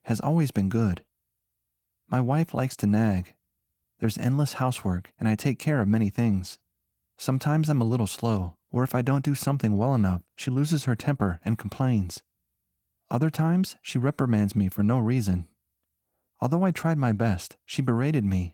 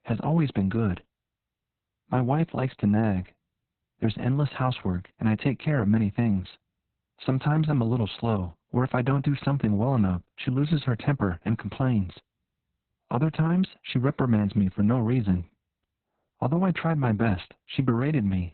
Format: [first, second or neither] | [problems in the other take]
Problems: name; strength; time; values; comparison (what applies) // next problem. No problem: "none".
first | garbled, watery; badly; nothing above 4 kHz; slightly in the first